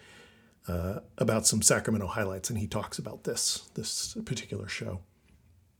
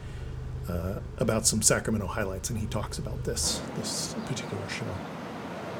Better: first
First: none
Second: traffic noise; loud; throughout; 9 dB below the speech

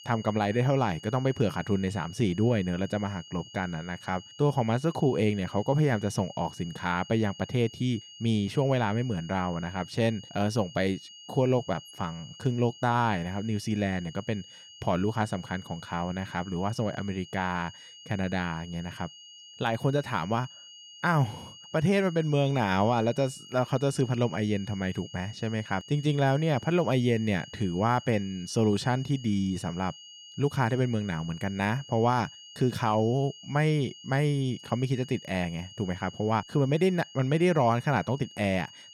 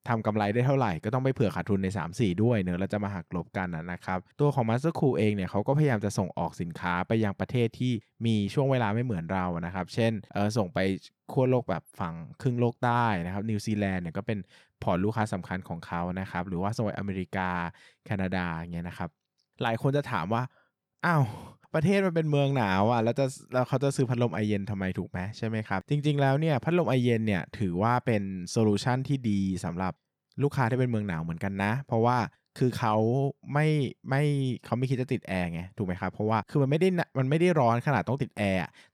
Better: second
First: high-pitched whine; noticeable; throughout; 3 kHz, 20 dB below the speech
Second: none

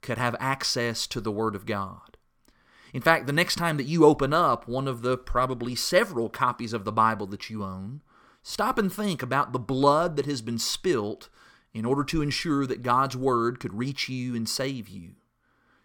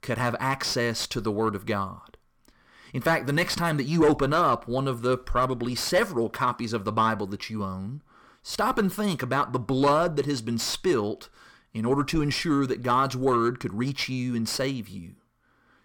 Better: first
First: none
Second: distortion; slight; 10 dB below the speech

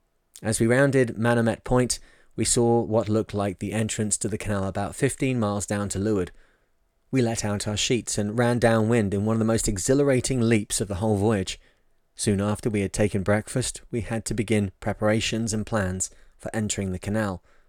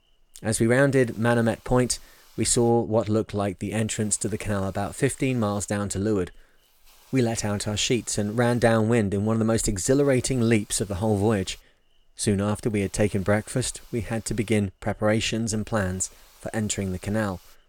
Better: first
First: none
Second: hiss; faint; throughout; 30 dB below the speech

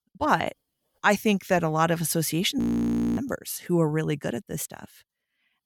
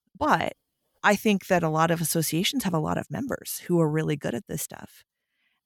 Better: second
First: audio freezing; at 2.5 s for 0.5 s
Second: none

